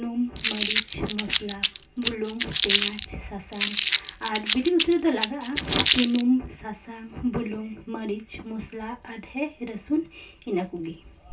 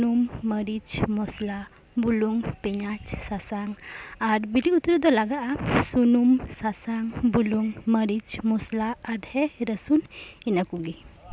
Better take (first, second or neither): second